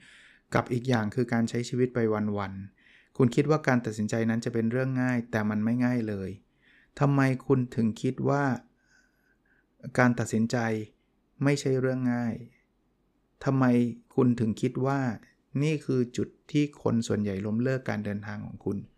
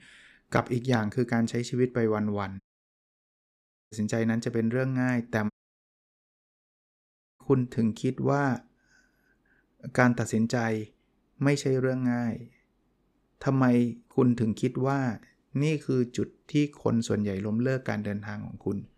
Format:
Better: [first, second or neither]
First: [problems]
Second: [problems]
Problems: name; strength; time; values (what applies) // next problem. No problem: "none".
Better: first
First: none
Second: audio cutting out; at 2.5 s for 1.5 s and at 5.5 s for 2 s